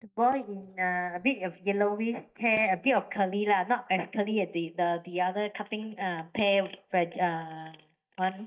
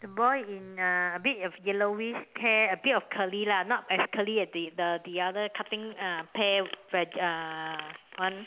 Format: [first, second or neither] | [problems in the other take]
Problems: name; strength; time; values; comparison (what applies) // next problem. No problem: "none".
second | noise reduction (neural mask model DeepFilterNet 3)